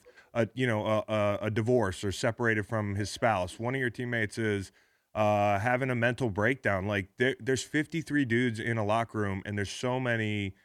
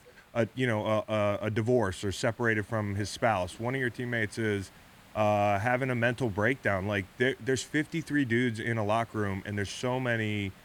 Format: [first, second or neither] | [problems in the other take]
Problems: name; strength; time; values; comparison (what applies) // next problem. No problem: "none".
first | hiss; faint; throughout; 25 dB below the speech